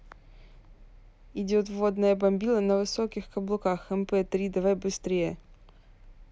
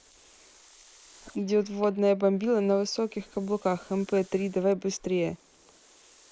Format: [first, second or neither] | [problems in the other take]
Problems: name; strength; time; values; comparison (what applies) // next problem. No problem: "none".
first | noise reduction (neural mask model Resemble Enhance denoiser)